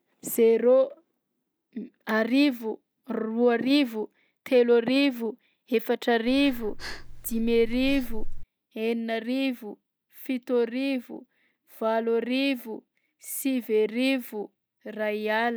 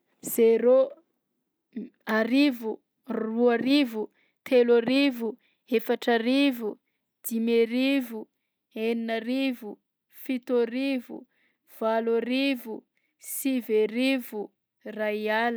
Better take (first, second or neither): second